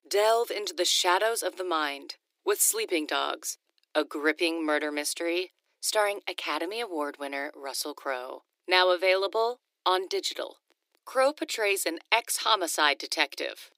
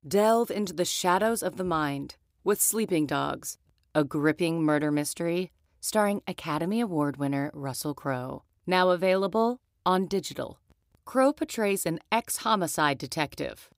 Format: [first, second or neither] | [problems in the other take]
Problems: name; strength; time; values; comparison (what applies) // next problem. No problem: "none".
second | thin; very; fading below 350 Hz